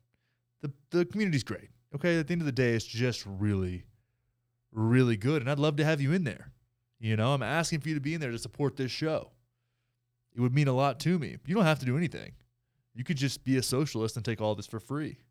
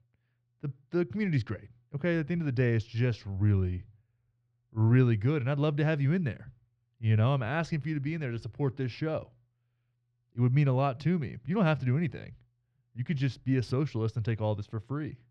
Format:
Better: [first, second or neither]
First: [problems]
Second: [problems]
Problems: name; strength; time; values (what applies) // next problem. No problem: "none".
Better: first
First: none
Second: muffled; slightly; fading above 3 kHz